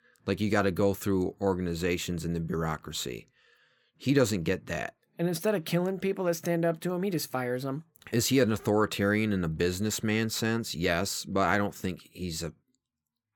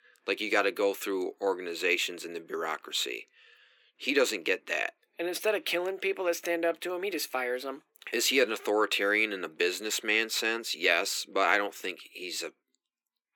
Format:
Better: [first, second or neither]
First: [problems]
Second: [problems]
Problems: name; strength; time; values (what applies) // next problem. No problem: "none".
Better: first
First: none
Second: thin; somewhat; fading below 300 Hz